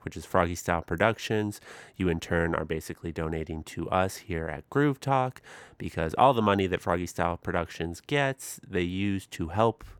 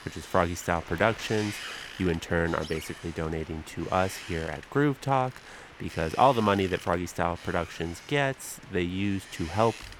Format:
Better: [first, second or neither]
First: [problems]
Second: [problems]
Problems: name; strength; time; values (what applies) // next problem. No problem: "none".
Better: first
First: none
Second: wind noise on the microphone; occasional gusts; 15 dB below the speech